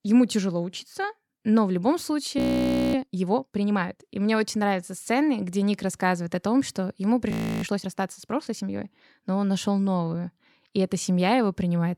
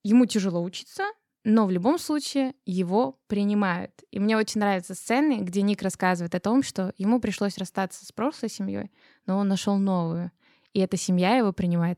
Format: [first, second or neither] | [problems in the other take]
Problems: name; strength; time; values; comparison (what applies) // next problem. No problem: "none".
second | audio freezing; at 2.5 s for 0.5 s and at 7.5 s